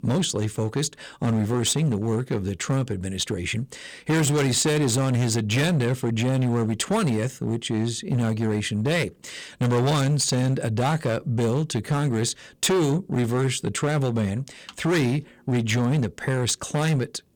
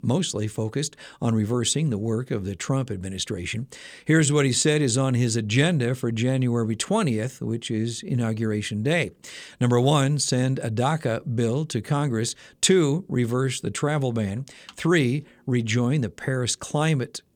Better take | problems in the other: second | distortion; slight; 14% of the sound clipped

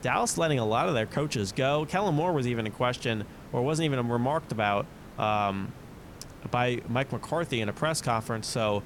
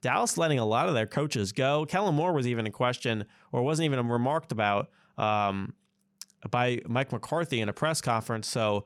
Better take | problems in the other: second | hiss; noticeable; throughout; 20 dB below the speech

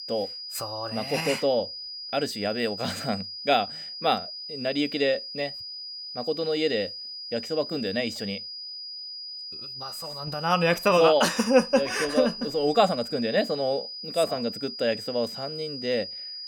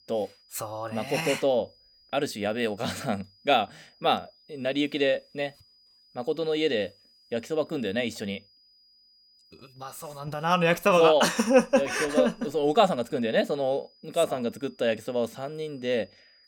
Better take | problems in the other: second | high-pitched whine; loud; throughout; 5 kHz, 8 dB below the speech; faint in the second

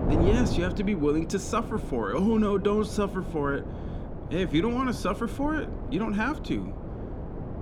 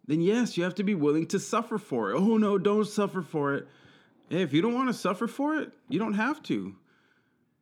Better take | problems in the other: second | wind noise on the microphone; occasional gusts; 10 dB below the speech

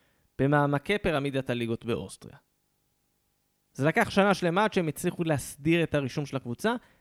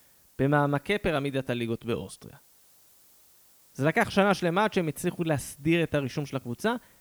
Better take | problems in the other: first | hiss; faint; throughout; 30 dB below the speech

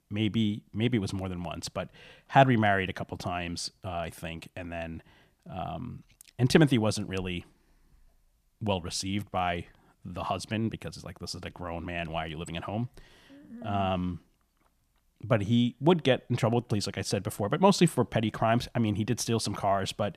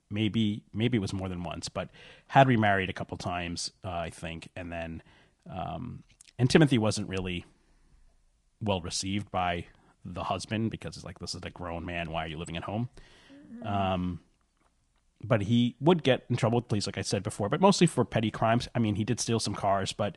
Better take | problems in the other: first | garbled, watery; slightly; nothing above 10.5 kHz

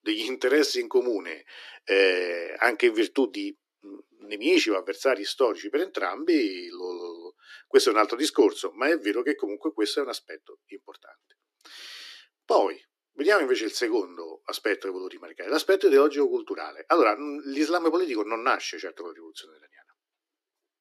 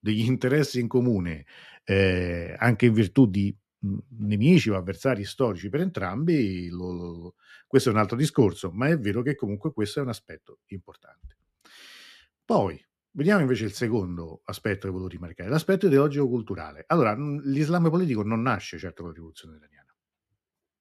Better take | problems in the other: second | thin; very; fading below 300 Hz

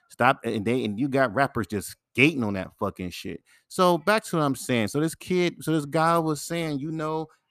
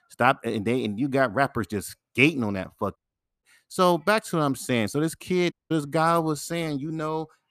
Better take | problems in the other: first | audio cutting out; at 3 s and at 5.5 s

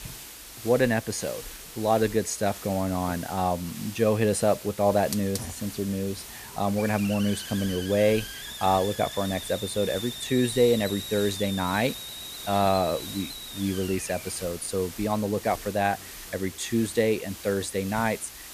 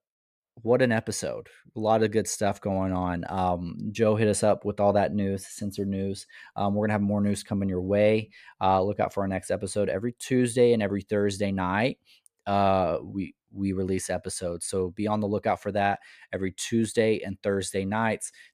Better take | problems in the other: second | hiss; noticeable; throughout; 10 dB below the speech

